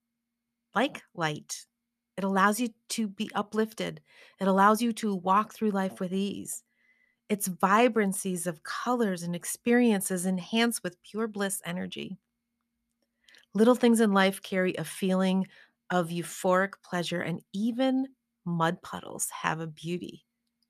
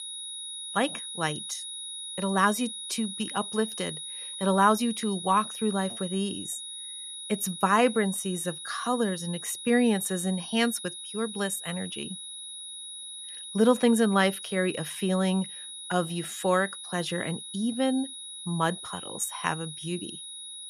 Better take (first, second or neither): first